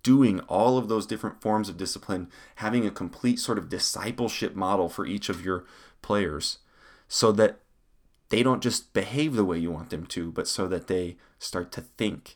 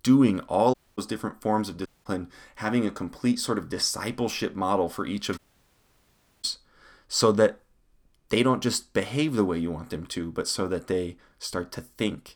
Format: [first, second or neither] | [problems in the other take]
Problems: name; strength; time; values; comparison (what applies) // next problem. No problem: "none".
first | audio cutting out; at 0.5 s, at 2 s and at 5.5 s for 1 s